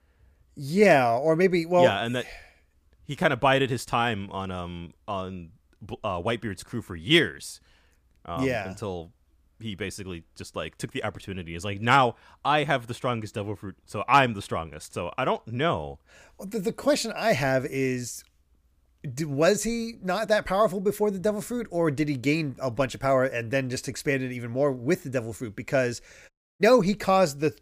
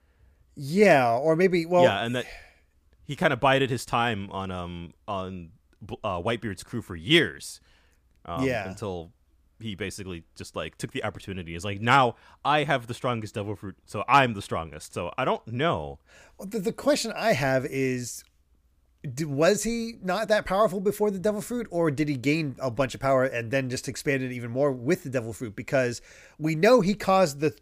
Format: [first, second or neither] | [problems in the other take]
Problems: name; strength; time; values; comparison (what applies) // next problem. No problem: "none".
second | audio cutting out; at 26 s